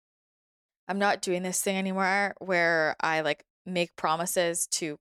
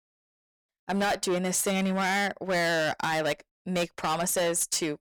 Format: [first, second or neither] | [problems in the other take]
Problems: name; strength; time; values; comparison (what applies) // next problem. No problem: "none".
first | distortion; heavy; 16% of the sound clipped